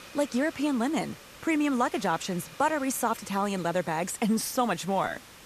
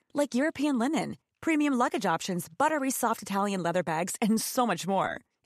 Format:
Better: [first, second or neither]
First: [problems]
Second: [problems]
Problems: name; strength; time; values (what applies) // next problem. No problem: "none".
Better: second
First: hiss; noticeable; throughout; 20 dB below the speech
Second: none